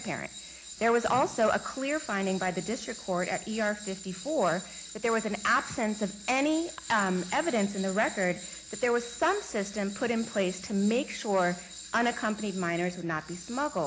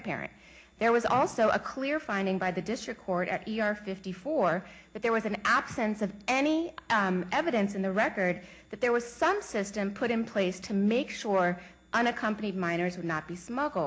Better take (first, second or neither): second